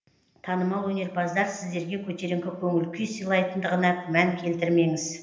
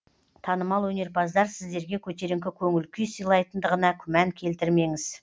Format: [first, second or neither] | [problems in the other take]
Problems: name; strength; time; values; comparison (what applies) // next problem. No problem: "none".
second | room echo; dies away in 0.8 s